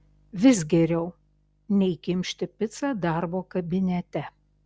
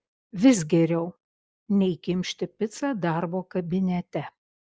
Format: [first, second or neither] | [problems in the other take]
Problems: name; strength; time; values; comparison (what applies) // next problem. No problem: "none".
first | noise reduction (neural mask model Resemble Enhance denoiser)